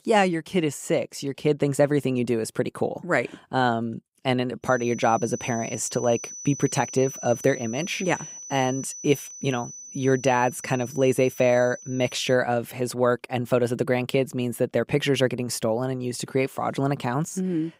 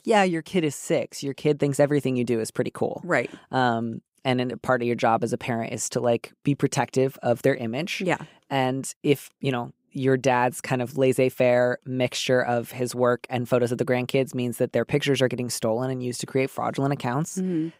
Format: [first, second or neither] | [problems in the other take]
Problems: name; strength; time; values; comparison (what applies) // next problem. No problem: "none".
second | high-pitched whine; noticeable; from 4.5 to 12 s; 6 kHz, 10 dB below the speech